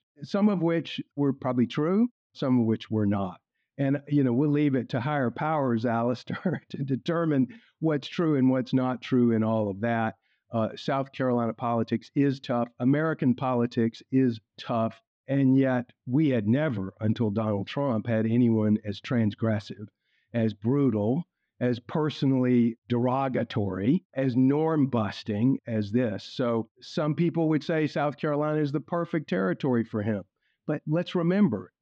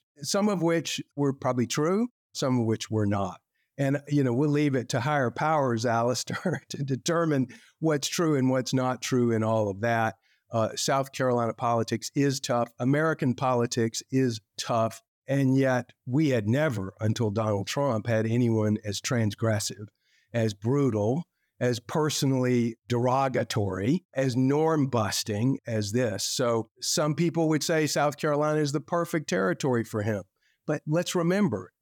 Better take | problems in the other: second | muffled; slightly; fading above 3.5 kHz

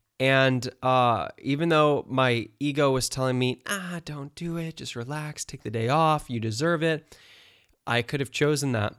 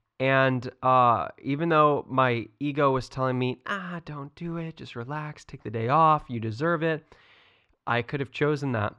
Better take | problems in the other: first | muffled; very; fading above 2.5 kHz

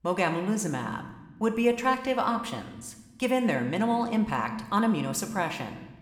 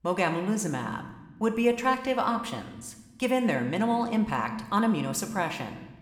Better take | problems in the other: neither | room echo; slight; dies away in 0.9 s; the same in both

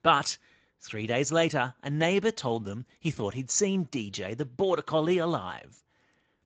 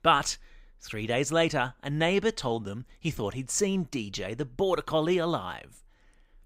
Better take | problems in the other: second | garbled, watery; slightly; nothing above 7.5 kHz

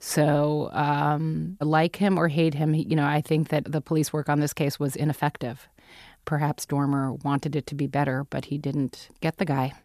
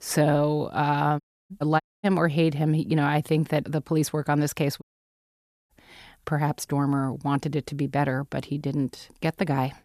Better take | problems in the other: first | audio cutting out; at 1 s, at 2 s and at 5 s for 1 s

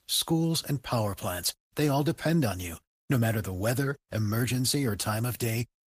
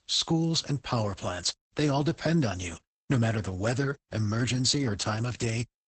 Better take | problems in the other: first | garbled, watery; badly; nothing above 8 kHz; slightly in the first

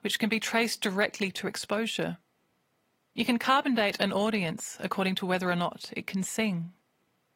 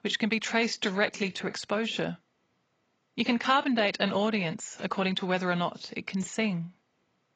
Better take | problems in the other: first | garbled, watery; badly; nothing above 7.5 kHz; slightly in the first

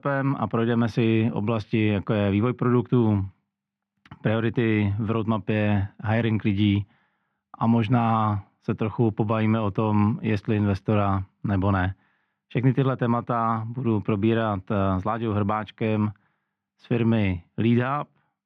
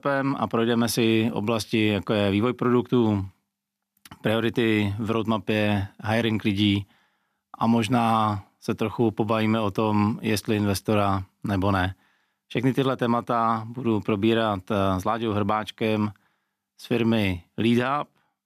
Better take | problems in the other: second | muffled; slightly; fading above 2 kHz

